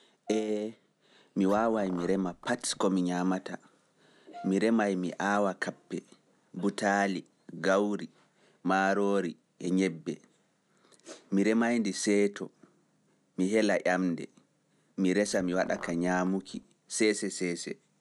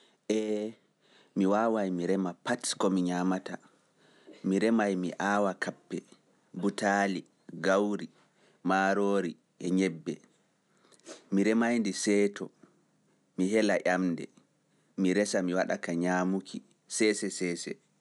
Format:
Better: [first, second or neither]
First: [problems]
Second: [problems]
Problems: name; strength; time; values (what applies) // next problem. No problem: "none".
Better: second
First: background sound (Car + Brass instrument); 20 dB below the speech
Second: none